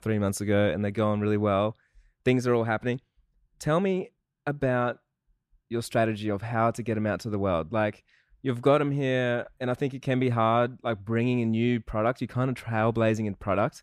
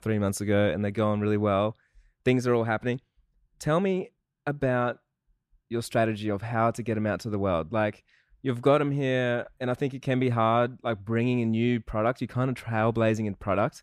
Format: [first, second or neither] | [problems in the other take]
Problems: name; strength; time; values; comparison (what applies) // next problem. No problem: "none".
neither | none